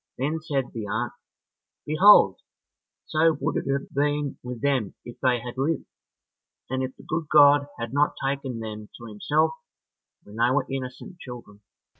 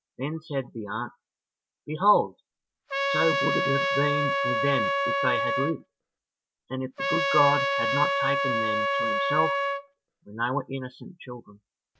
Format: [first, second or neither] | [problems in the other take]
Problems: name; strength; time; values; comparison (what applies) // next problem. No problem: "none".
first | background sound (Trumpet); 3 dB above the speech